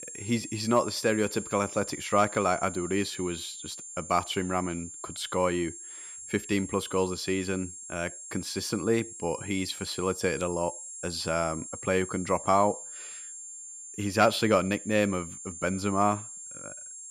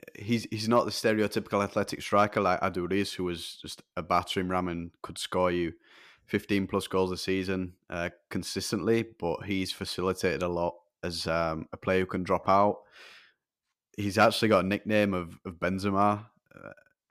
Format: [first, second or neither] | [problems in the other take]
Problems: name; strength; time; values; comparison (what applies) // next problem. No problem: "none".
second | high-pitched whine; noticeable; throughout; 7.5 kHz, 10 dB below the speech